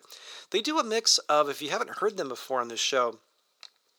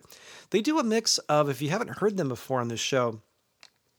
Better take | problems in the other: second | thin; somewhat; fading below 450 Hz

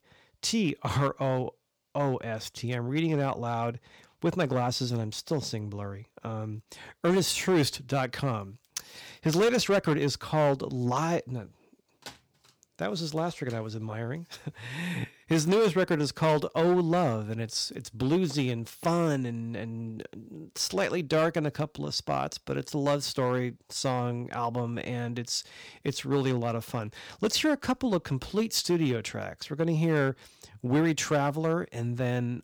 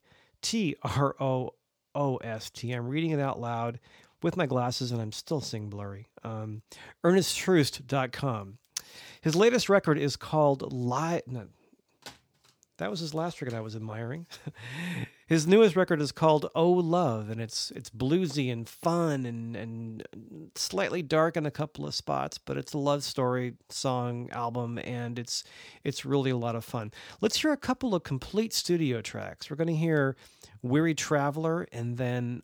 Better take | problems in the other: second | distortion; slight; 4% of the sound clipped

